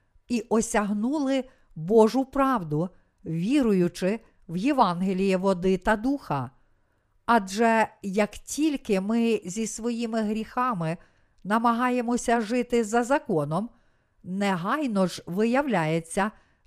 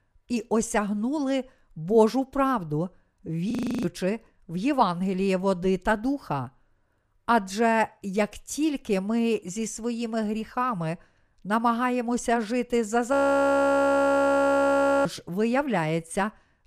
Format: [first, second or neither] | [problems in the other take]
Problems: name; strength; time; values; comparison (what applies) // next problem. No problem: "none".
first | audio freezing; at 3.5 s and at 13 s for 2 s